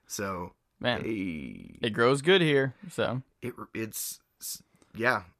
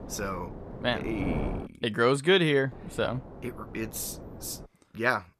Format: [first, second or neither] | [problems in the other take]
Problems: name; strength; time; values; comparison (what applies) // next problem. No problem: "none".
first | wind noise on the microphone; occasional gusts; until 1.5 s and from 2.5 to 4.5 s; 15 dB below the speech